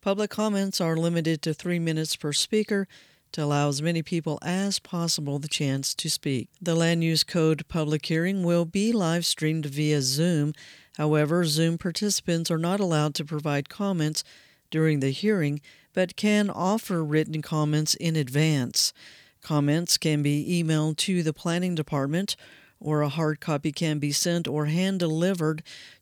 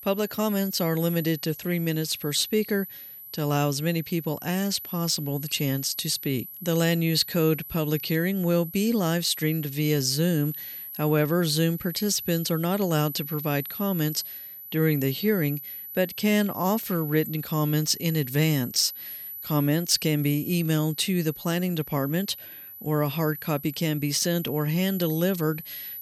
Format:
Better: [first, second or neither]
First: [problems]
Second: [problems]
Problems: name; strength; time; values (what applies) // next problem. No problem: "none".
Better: first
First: none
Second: high-pitched whine; noticeable; throughout; 12 kHz, 10 dB below the speech